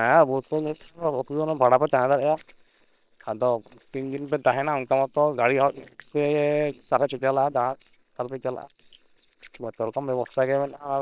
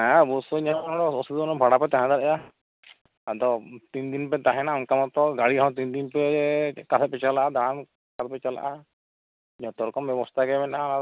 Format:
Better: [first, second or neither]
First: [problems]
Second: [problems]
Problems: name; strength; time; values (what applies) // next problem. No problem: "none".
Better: second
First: noise reduction (neural separator model SepFormer WHAM!)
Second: none